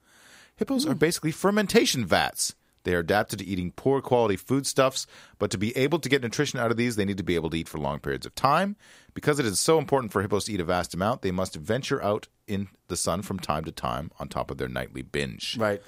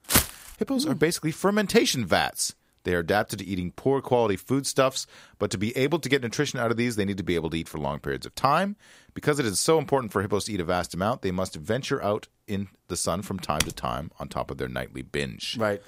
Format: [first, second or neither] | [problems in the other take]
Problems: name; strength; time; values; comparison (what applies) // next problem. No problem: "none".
first | footsteps; loud; at the start; peak 4 dB above the speech // keyboard typing; noticeable; at 14 s; peak 3 dB below the speech